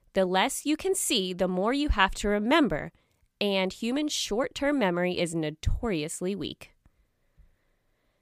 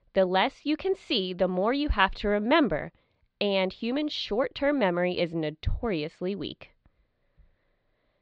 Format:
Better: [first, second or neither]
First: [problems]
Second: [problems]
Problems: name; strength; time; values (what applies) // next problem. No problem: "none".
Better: first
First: none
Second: muffled; very slightly; fading above 4.5 kHz